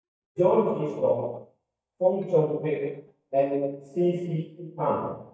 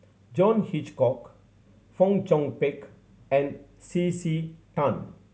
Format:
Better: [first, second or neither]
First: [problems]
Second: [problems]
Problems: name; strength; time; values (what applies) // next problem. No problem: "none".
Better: second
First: noise reduction (neural mask model DeepFilterNet 3)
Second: none